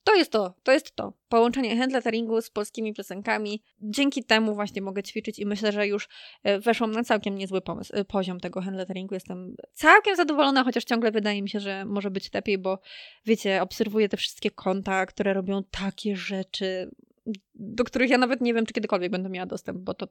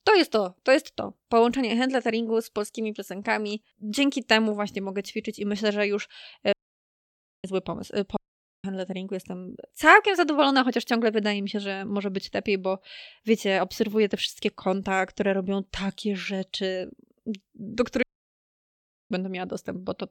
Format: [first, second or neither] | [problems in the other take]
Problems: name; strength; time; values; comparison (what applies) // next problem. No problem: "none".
first | audio cutting out; at 6.5 s for 1 s, at 8 s and at 18 s for 1 s